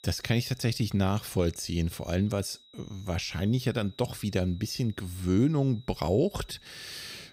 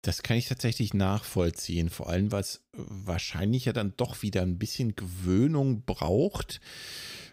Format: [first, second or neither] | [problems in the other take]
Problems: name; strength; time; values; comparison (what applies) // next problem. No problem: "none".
second | high-pitched whine; faint; throughout; 4 kHz, 25 dB below the speech